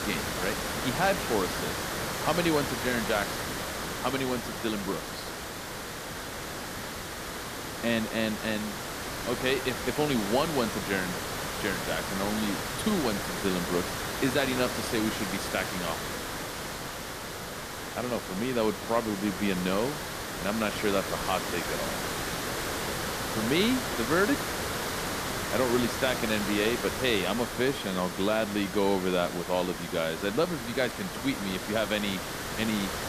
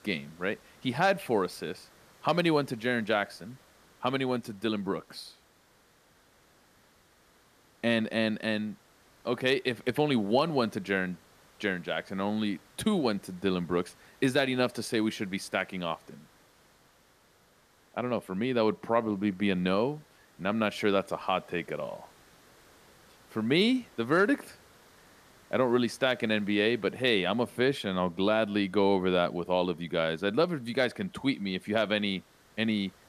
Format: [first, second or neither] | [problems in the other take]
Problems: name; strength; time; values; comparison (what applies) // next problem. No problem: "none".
second | hiss; loud; throughout; 3 dB below the speech; faint in the second